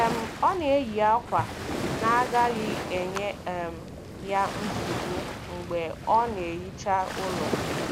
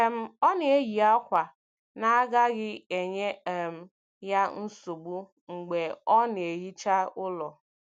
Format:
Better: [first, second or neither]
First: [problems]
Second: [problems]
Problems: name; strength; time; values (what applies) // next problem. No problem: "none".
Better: second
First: background sound (Waves, surf); 5 dB below the speech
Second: none